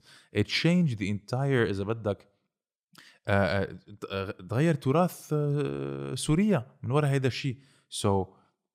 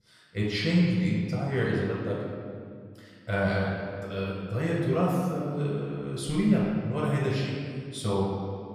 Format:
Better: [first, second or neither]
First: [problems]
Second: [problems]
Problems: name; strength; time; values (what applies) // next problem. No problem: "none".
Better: first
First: none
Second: room echo; noticeable; dies away in 2 s // off-mic speech; far